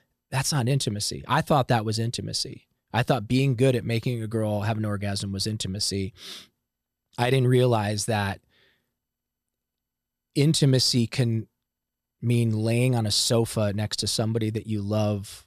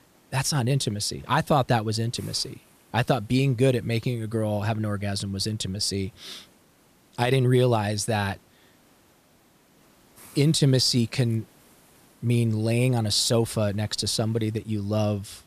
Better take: first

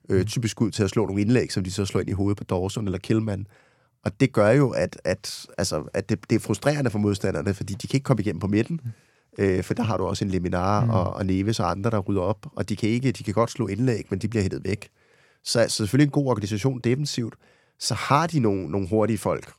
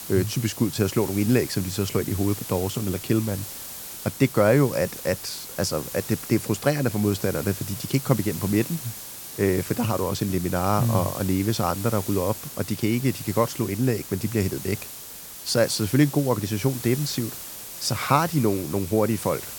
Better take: first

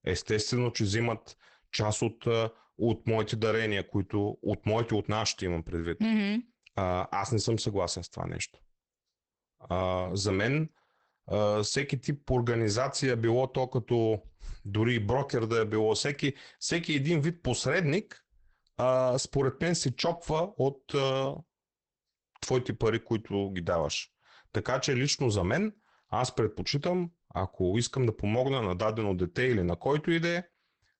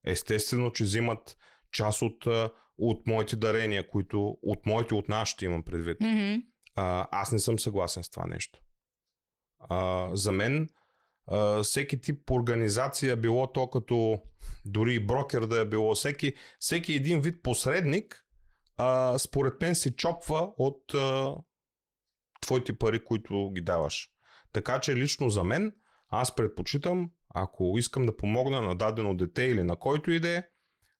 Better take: second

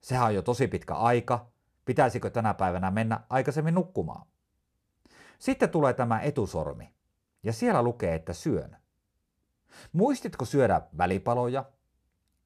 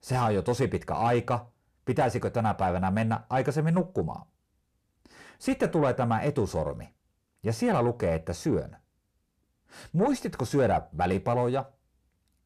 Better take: first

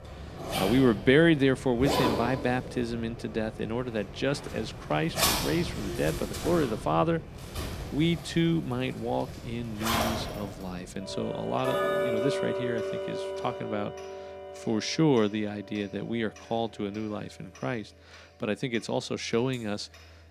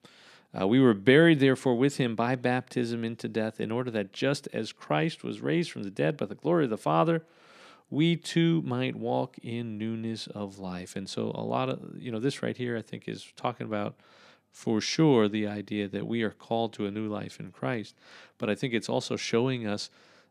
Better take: second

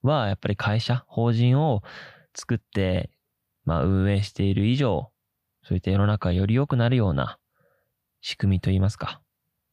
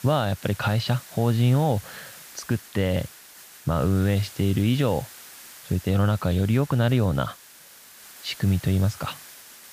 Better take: first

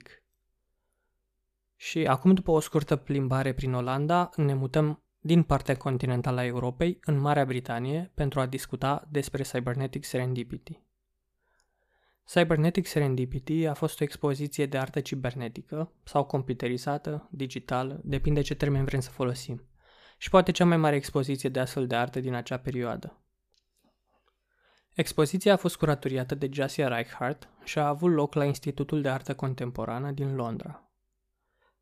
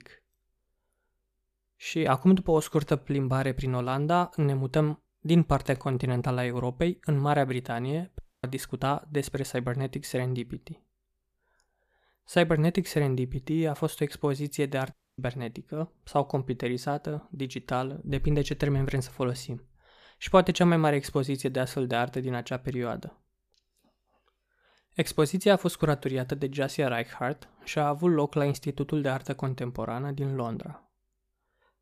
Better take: first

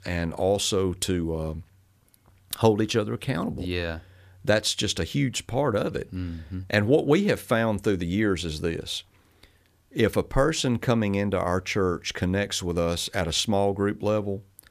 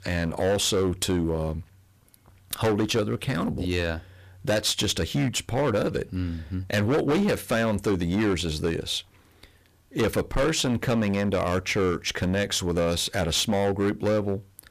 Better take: first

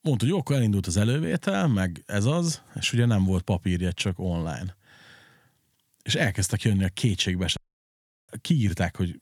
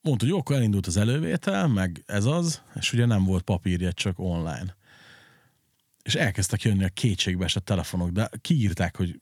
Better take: second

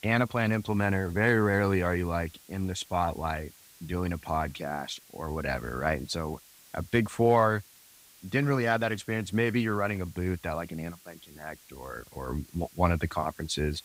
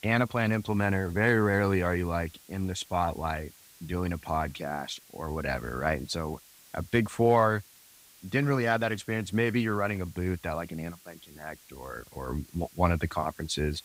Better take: neither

